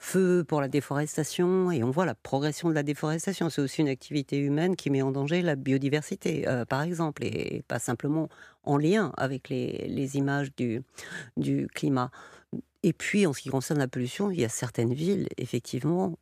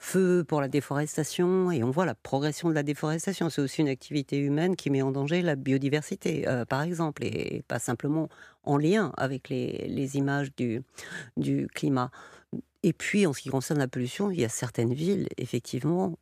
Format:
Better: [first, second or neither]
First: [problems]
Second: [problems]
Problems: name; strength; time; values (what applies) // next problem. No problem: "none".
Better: neither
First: none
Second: none